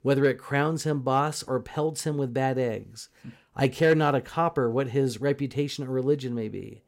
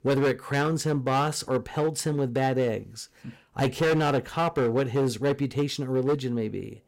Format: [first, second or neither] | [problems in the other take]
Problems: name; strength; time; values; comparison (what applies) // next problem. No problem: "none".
first | distortion; slight; 10% of the sound clipped